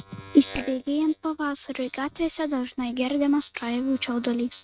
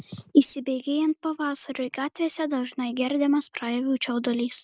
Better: second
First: noise reduction (neural mask model RNNoise)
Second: none

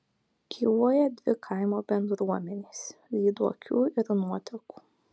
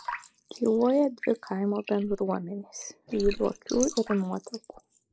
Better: first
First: none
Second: noise reduction (neural mask model Resemble Enhance denoiser)

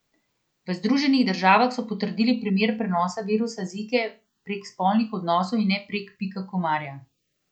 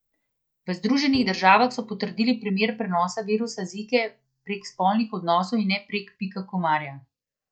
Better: first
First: none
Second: noise reduction (neural mask model DeepFilterNet 3)

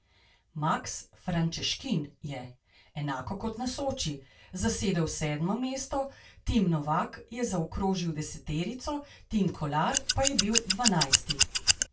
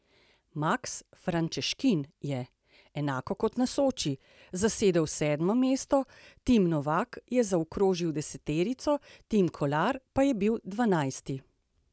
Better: second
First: background sound (Scissors); 4 dB above the speech // room echo; dies away in 0.2 s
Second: none

